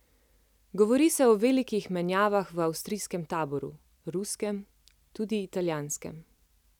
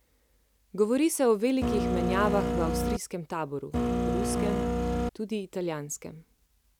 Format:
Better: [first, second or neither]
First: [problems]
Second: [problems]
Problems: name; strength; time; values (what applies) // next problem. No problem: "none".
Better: first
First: none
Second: background sound (Printer); 3 dB above the speech